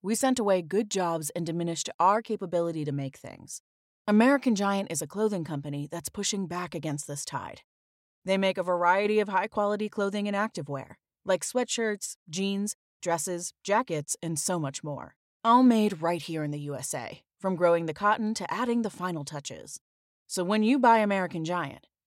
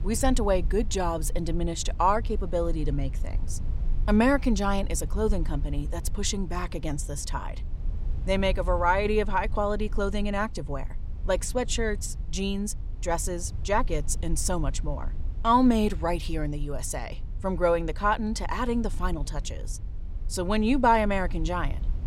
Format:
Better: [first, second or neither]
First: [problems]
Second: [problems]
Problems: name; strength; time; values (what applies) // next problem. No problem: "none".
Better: first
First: none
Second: low rumble; faint; throughout; 25 dB below the speech